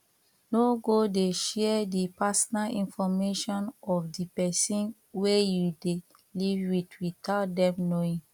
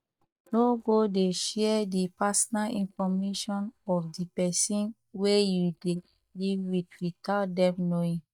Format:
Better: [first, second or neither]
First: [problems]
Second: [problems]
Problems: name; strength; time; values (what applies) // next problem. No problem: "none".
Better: first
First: none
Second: noise reduction (neural mask model DeepFilterNet 3)